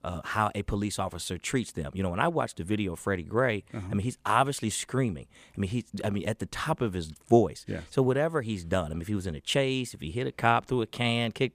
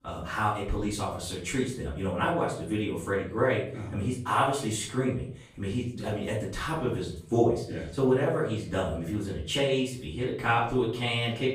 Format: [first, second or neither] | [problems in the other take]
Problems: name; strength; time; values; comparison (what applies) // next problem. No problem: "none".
first | off-mic speech; far // room echo; noticeable; dies away in 0.4 s